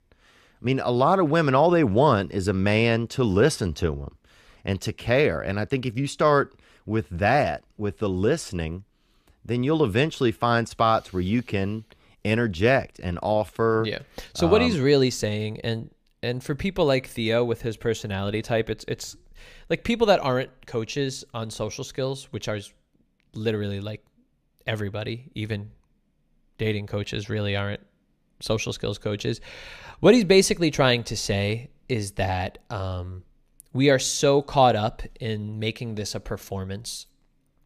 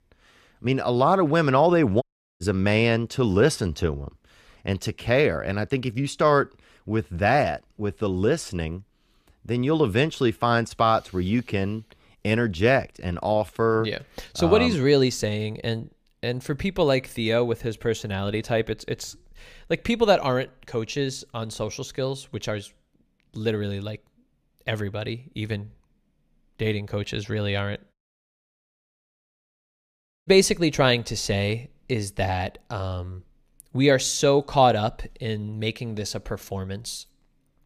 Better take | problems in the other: first | audio cutting out; at 2 s and at 28 s for 2.5 s

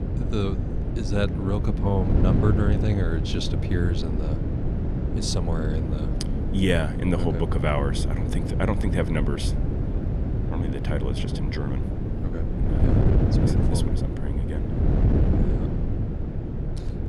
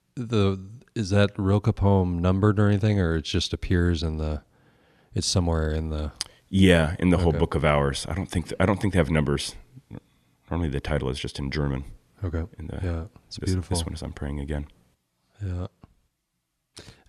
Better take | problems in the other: second | wind noise on the microphone; heavy; 3 dB below the speech

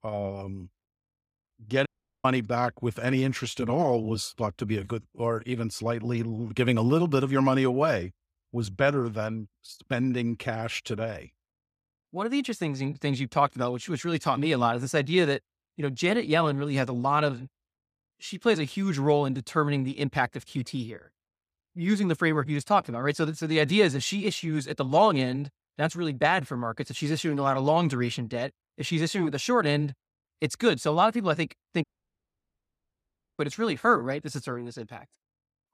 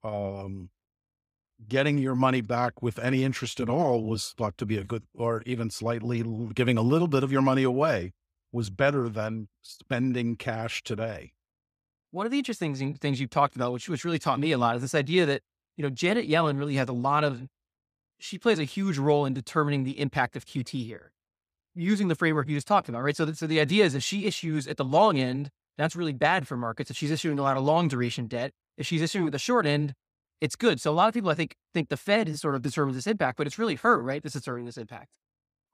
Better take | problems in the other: second | audio cutting out; at 2 s and at 32 s for 1.5 s

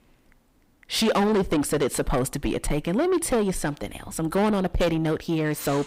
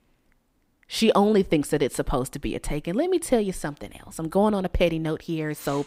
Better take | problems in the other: second | distortion; heavy; 8 dB below the speech

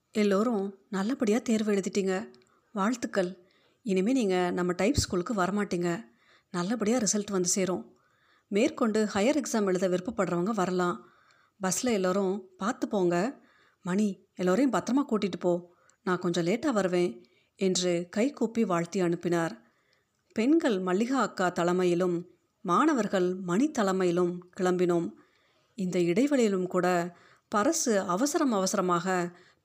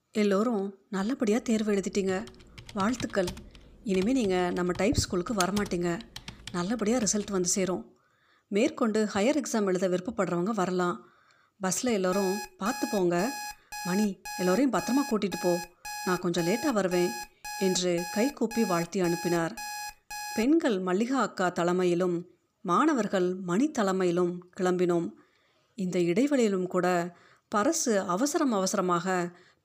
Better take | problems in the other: first | keyboard typing; noticeable; from 2 to 7 s; peak 6 dB below the speech // alarm; noticeable; from 12 to 20 s; peak 8 dB below the speech

